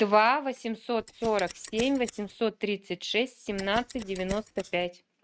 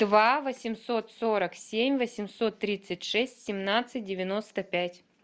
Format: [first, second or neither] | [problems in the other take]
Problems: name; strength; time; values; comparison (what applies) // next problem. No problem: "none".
second | noise reduction (neural mask model RNNoise)